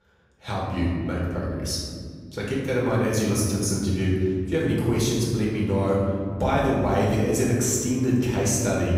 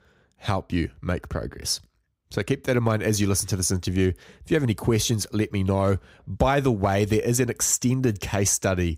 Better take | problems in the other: second | room echo; noticeable; dies away in 2.4 s // off-mic speech; far

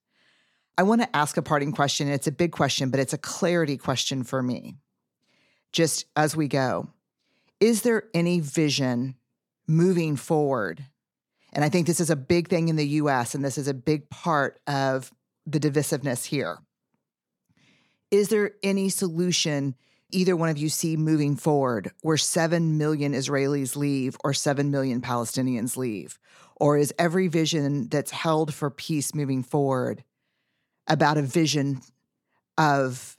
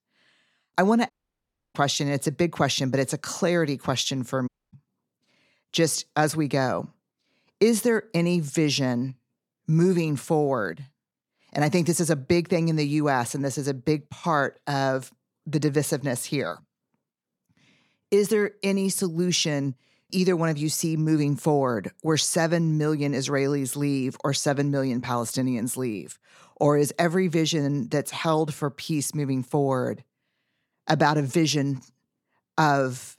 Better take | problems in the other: first | audio cutting out; at 1 s for 0.5 s and at 4.5 s

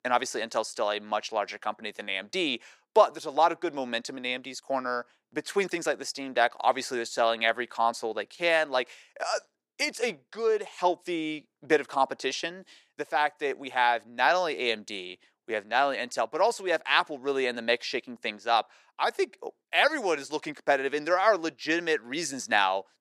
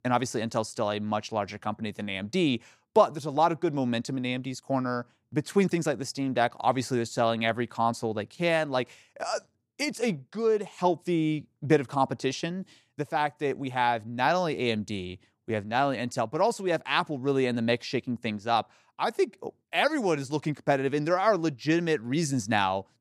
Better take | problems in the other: second | thin; somewhat; fading below 450 Hz

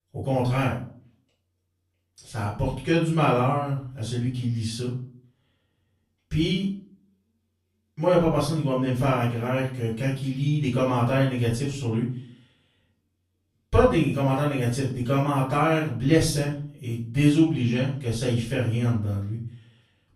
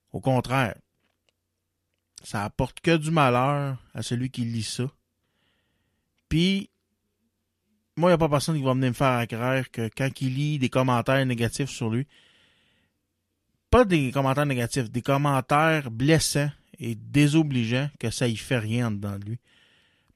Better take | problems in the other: second | off-mic speech; far // room echo; noticeable; dies away in 0.4 s

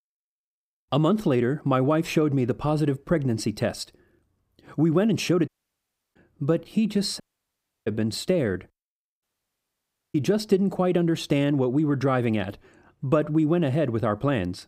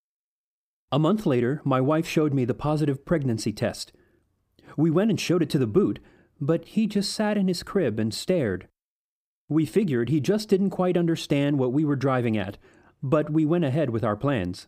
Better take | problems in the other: second | audio cutting out; at 5.5 s for 0.5 s, at 7 s for 0.5 s and at 9 s for 1 s

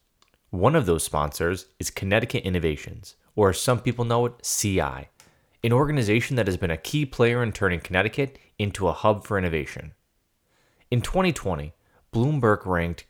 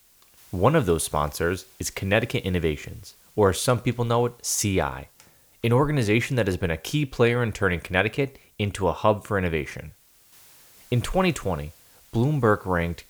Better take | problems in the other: first | hiss; faint; throughout; 30 dB below the speech

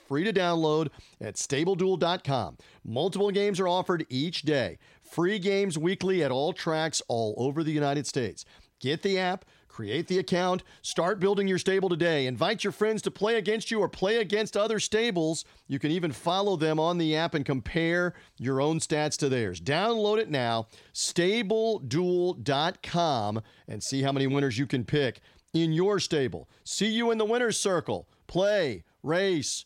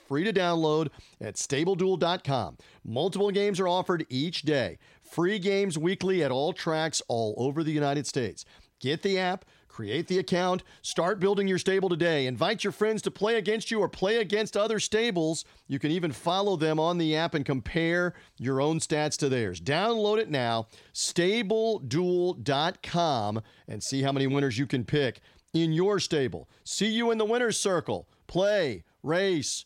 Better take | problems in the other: neither | none

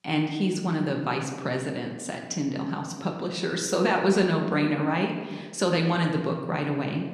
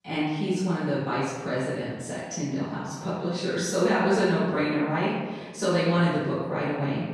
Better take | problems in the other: first | room echo; strong; dies away in 1.2 s; slight in the first // off-mic speech; far

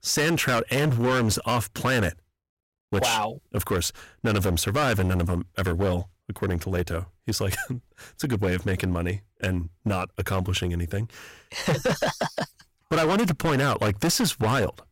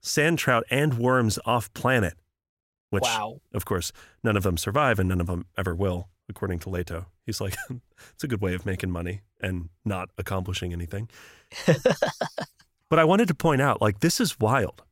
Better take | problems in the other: second | distortion; heavy; 14% of the sound clipped

